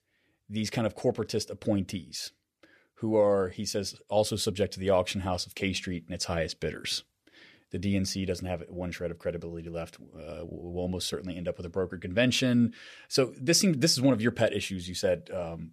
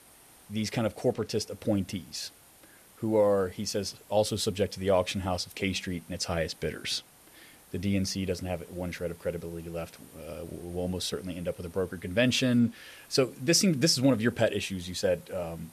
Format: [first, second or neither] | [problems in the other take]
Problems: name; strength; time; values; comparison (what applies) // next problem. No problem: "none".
first | hiss; faint; throughout; 25 dB below the speech